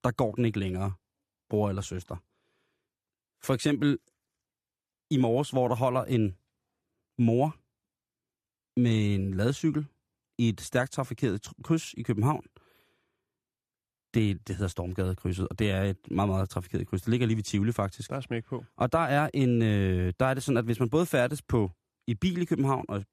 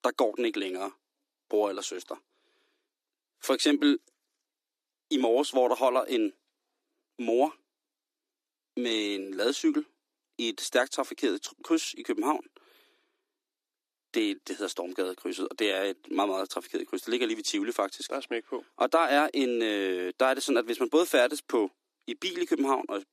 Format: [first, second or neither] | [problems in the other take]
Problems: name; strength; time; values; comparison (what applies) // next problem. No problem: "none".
first | thin; somewhat; fading below 300 Hz